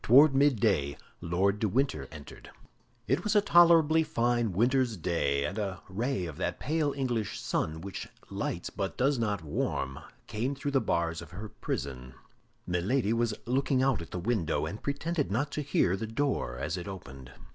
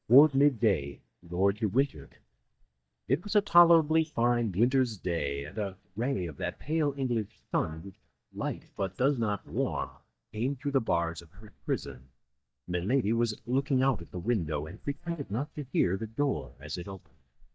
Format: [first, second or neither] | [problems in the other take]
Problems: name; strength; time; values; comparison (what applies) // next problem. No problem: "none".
first | noise reduction (neural mask model DeepFilterNet 3)